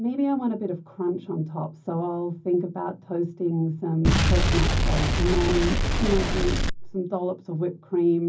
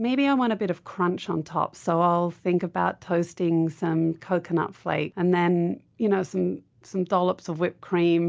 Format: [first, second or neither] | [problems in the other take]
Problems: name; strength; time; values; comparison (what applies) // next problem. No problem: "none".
second | background sound (Explosion); 4 dB above the speech // room echo; dies away in 0.4 s